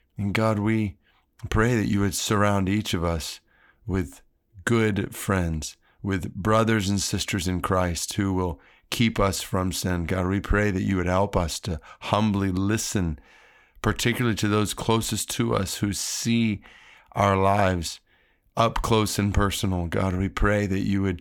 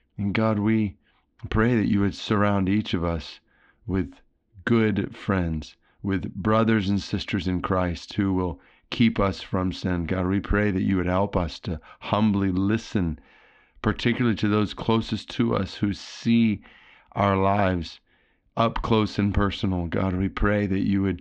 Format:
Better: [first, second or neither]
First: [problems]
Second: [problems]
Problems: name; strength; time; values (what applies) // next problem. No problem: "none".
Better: first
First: none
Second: muffled; slightly; fading above 4 kHz